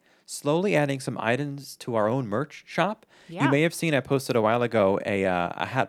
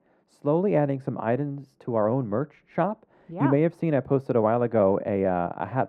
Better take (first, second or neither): first